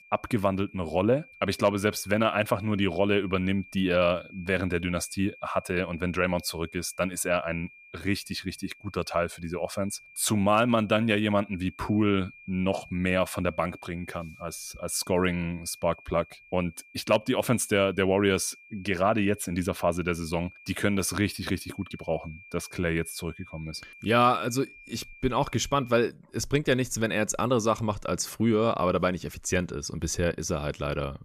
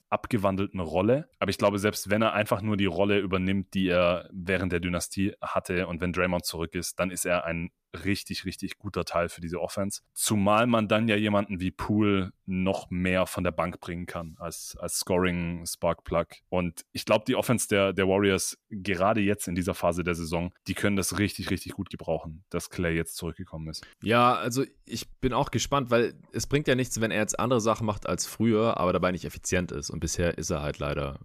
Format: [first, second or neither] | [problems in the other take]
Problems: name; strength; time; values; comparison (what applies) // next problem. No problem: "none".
second | high-pitched whine; faint; until 26 s; 2.5 kHz, 20 dB below the speech